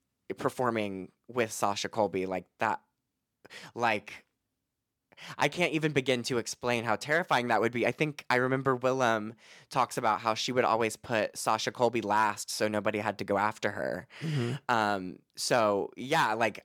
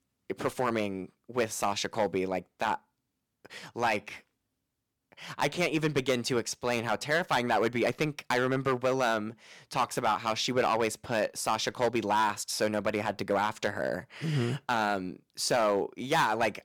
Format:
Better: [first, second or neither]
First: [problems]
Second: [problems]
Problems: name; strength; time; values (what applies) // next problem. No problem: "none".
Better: first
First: none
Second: distortion; slight; 3% of the sound clipped